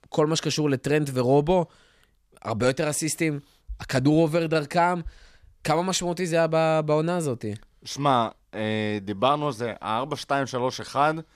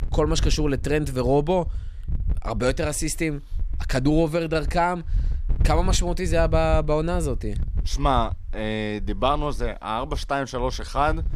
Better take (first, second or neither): first